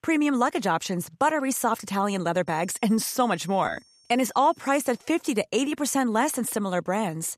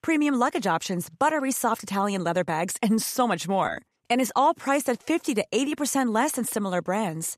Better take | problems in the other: second | high-pitched whine; faint; from 2.5 to 5 s; 5.5 kHz, 30 dB below the speech

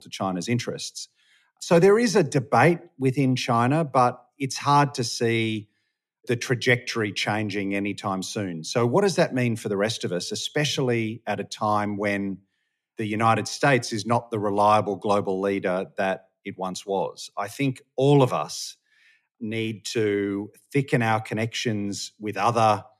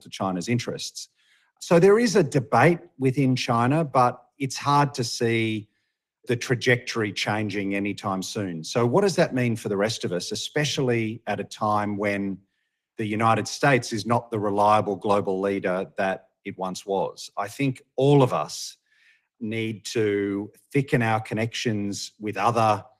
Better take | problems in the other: first | garbled, watery; slightly

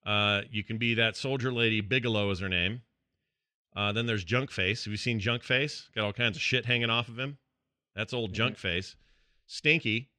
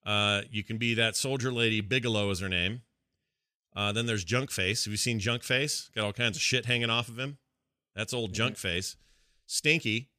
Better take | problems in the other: second | muffled; slightly; fading above 3 kHz

